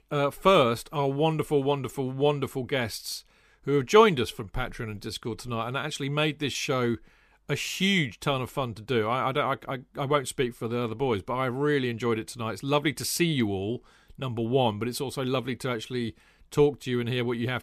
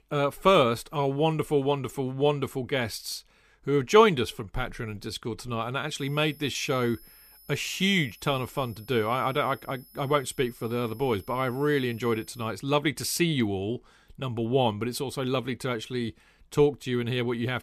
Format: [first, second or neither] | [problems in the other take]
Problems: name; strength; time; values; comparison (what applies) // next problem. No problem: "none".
first | high-pitched whine; faint; from 6 to 12 s; 11.5 kHz, 25 dB below the speech